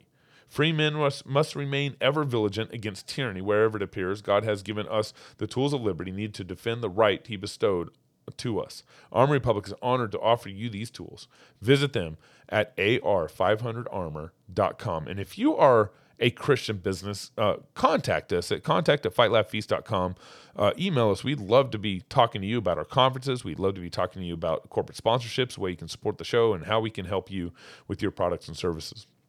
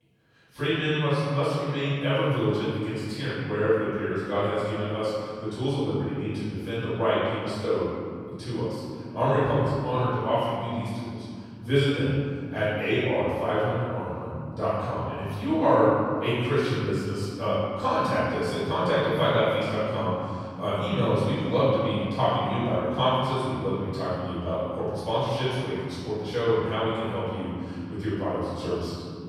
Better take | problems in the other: first | off-mic speech; far // room echo; strong; dies away in 2.4 s

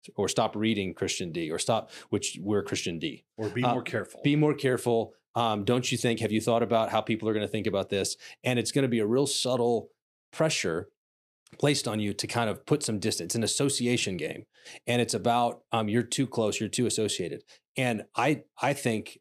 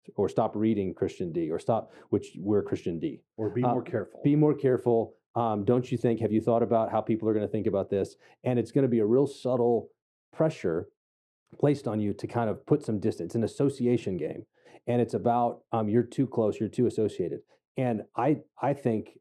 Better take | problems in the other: first | muffled; very; fading above 2 kHz

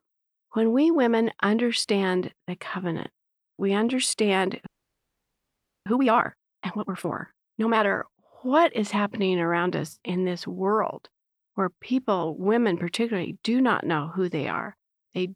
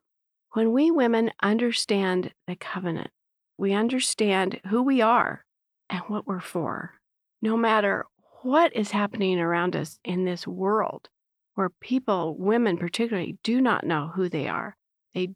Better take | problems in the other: second | audio freezing; at 4.5 s for 1 s

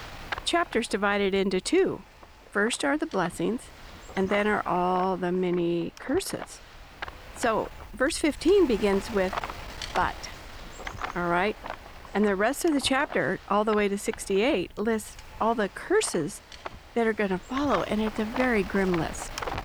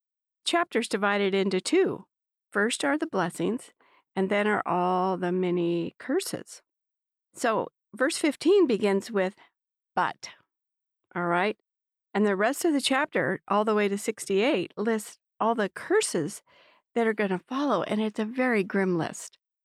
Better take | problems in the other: second | wind noise on the microphone; occasional gusts; 10 dB below the speech

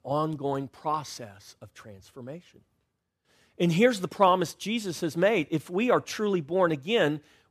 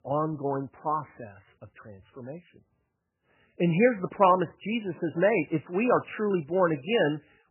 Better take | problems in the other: first | garbled, watery; badly; nothing above 3 kHz

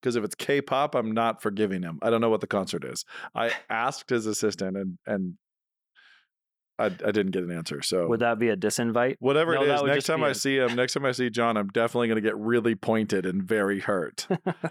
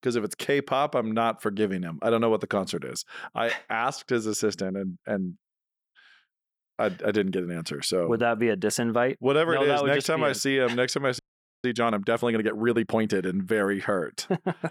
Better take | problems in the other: first | audio freezing; at 11 s

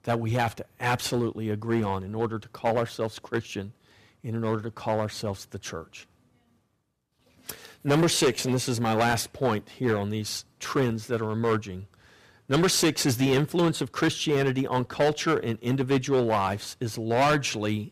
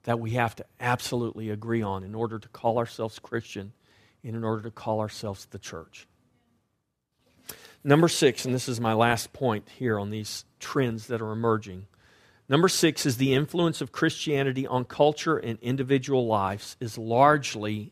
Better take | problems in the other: second | distortion; heavy; 5% of the sound clipped

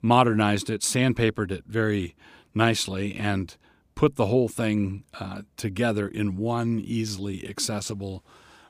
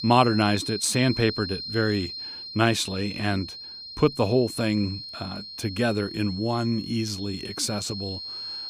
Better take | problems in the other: first | high-pitched whine; loud; throughout; 4 kHz, 9 dB below the speech

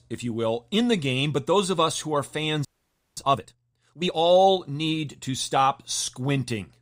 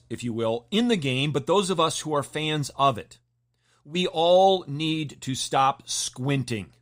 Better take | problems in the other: second | audio freezing; at 2.5 s for 0.5 s

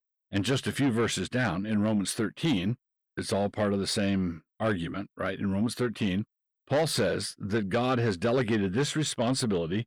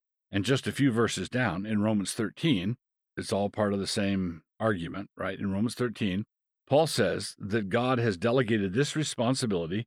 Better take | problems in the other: second | distortion; slight; 10 dB below the speech

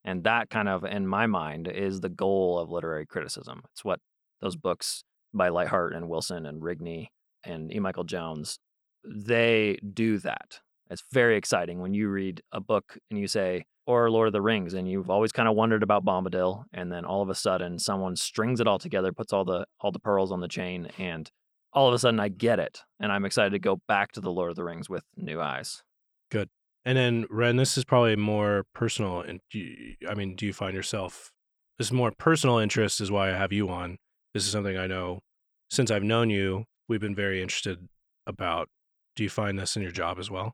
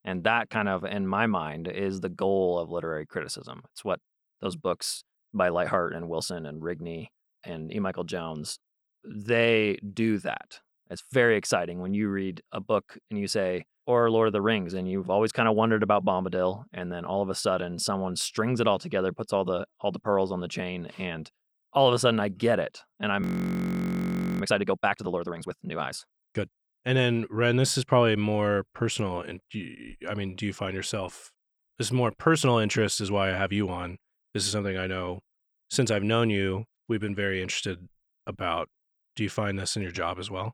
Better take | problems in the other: first | audio freezing; at 23 s for 1 s

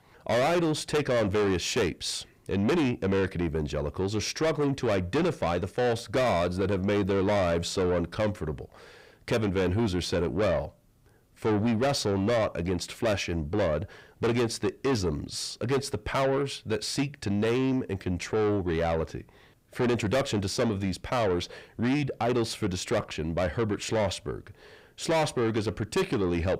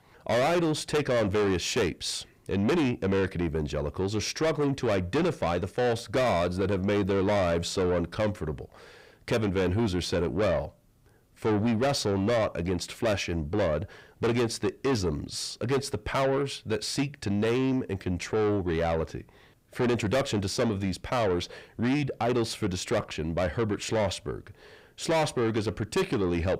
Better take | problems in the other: neither | distortion; heavy; 6 dB below the speech; the same in both

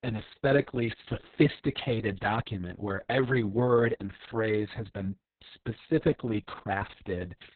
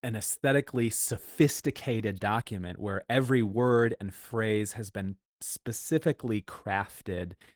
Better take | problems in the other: second | garbled, watery; badly; nothing above 4 kHz; slightly in the second

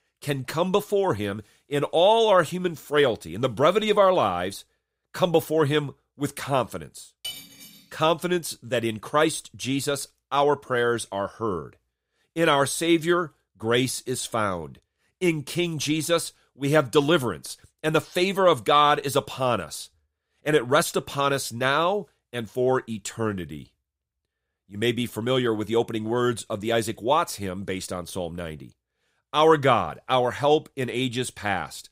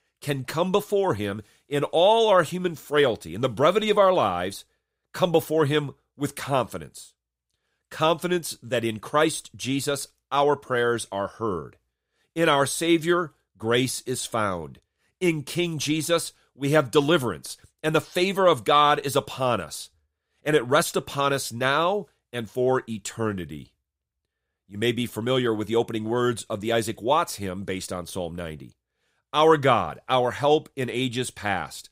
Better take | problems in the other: second | clattering dishes; faint; at 7 s; peak 10 dB below the speech

